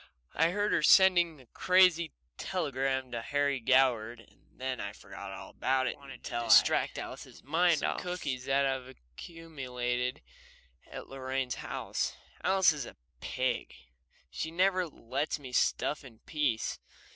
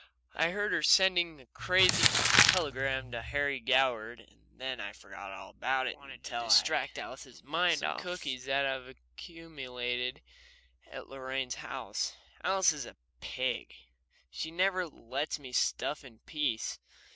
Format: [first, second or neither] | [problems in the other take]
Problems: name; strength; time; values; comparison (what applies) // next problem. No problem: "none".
first | background sound (Crumpling, crinkling); 5 dB above the speech